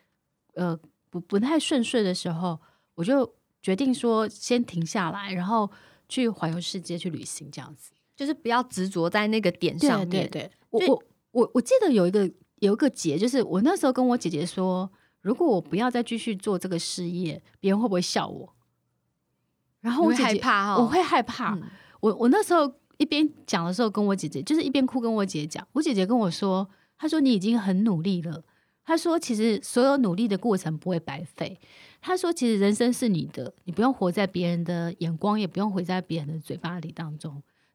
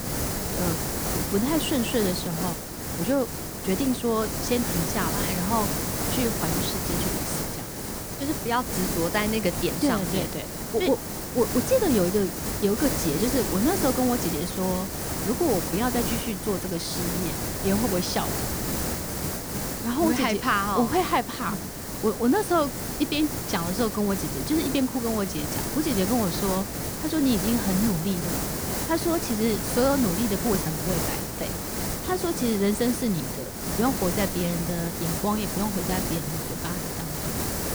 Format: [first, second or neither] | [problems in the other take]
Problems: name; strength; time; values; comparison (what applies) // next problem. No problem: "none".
first | hiss; loud; throughout; 2 dB below the speech